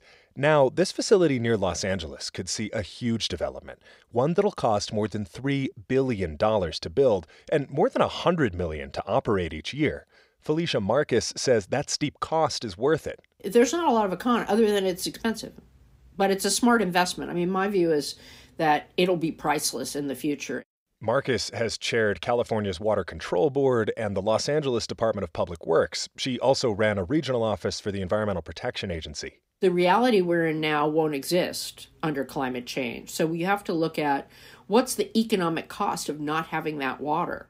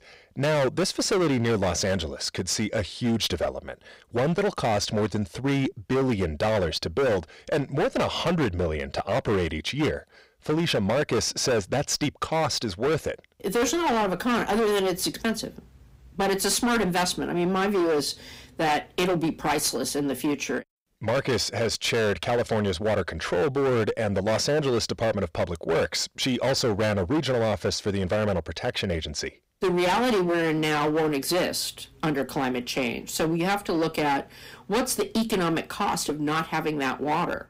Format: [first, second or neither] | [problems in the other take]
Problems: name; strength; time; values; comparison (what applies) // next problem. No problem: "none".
first | distortion; heavy; 19% of the sound clipped